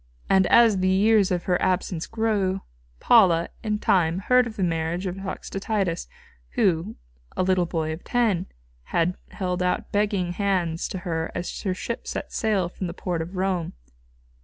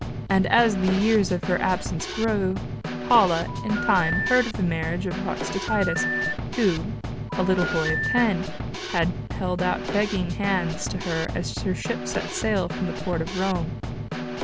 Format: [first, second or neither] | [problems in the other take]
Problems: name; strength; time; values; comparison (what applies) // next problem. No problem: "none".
first | background sound (Telephone + Snare drum / Drum kit); 4 dB below the speech